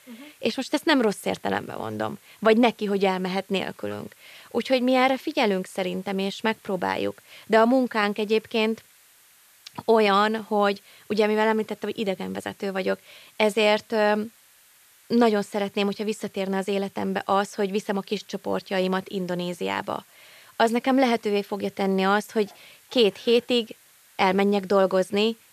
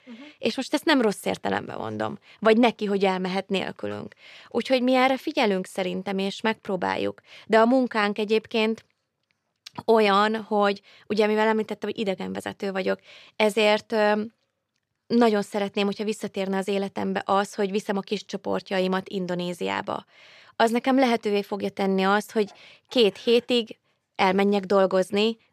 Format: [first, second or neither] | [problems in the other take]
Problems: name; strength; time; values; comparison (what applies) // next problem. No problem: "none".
second | hiss; faint; throughout; 30 dB below the speech